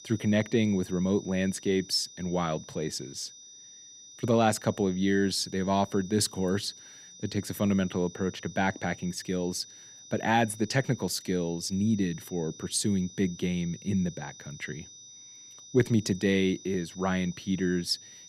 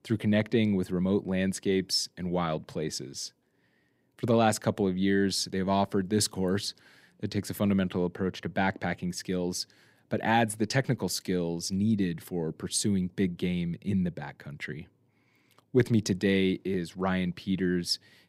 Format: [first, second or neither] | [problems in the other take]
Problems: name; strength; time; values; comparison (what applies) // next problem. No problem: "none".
second | high-pitched whine; noticeable; throughout; 6 kHz, 20 dB below the speech